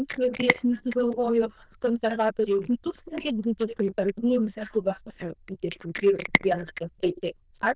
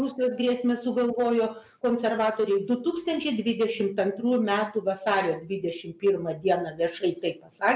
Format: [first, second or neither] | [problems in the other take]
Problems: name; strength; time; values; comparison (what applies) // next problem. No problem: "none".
second | noise reduction (neural diffusion model UNIVERSE++)